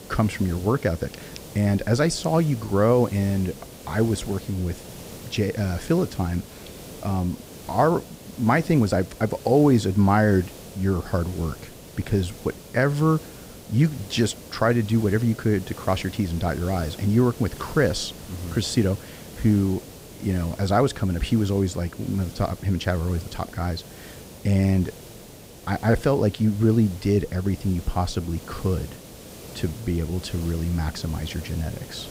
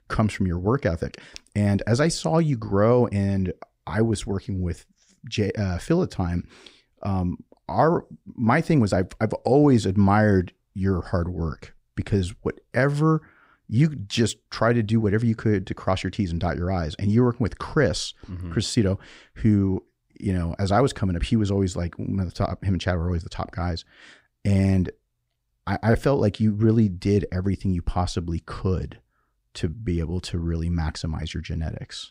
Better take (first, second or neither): second